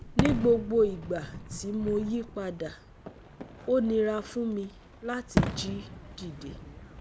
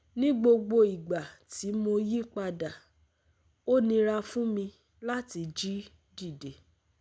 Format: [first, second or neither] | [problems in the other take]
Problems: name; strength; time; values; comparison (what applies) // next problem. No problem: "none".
second | background sound (Fireworks); 5 dB below the speech